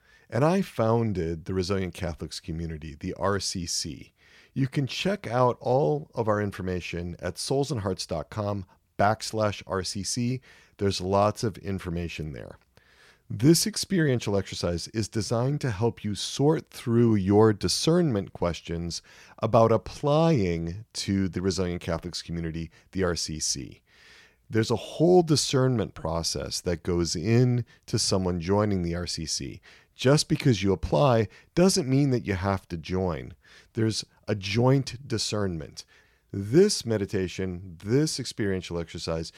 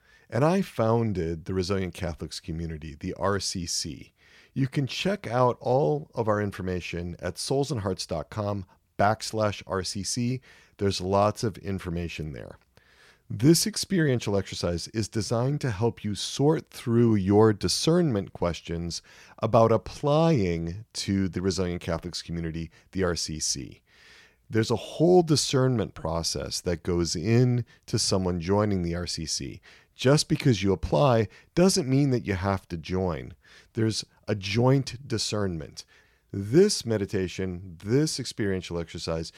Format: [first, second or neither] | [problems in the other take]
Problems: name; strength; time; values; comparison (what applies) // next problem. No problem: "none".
neither | none